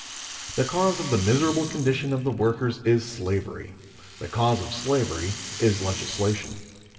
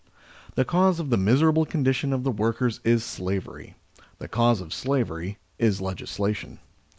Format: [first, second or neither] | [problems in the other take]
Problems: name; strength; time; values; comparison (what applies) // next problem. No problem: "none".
second | background sound (Rattle); 12 dB below the speech // room echo; dies away in 2.1 s